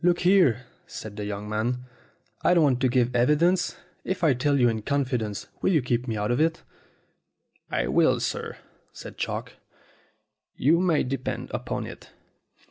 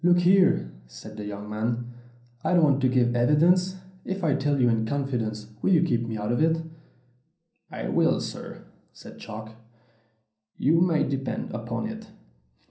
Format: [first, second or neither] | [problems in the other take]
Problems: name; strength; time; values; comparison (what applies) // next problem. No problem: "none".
first | room echo; dies away in 0.6 s